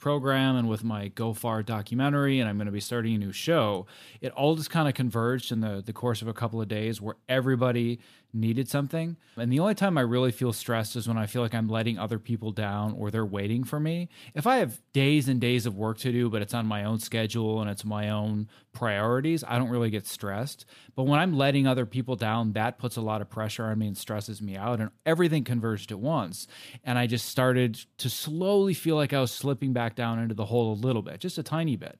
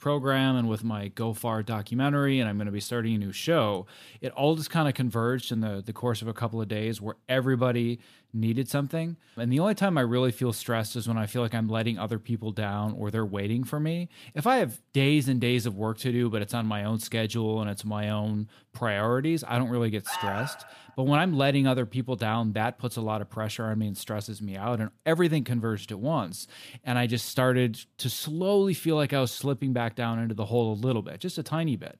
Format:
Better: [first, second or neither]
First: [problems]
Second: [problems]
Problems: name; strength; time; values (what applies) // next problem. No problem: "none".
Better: first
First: none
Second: alarm; noticeable; at 20 s; peak 4 dB below the speech